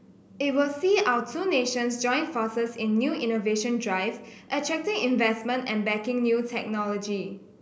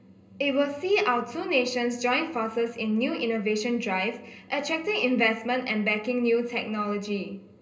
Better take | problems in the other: first | room echo; dies away in 0.2 s

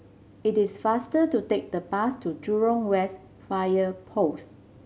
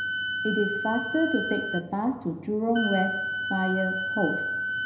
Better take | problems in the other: first | background sound (Wind instrument, woodwind instrument); 3 dB below the speech // room echo; dies away in 0.9 s

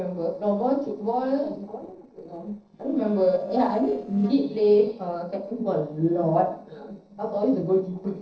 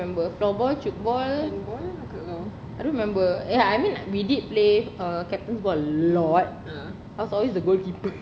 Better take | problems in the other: second | noise reduction (neural separator model SepFormer DNS4)

